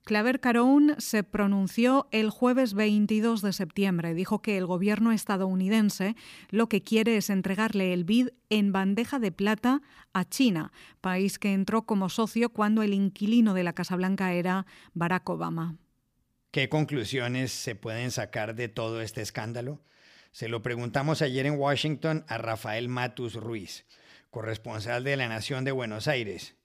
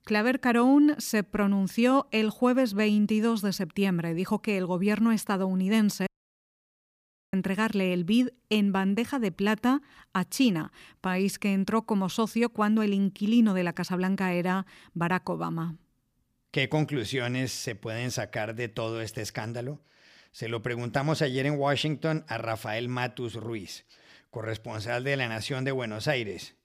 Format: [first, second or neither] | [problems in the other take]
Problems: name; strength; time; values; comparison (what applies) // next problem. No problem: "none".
first | audio cutting out; at 6 s for 1.5 s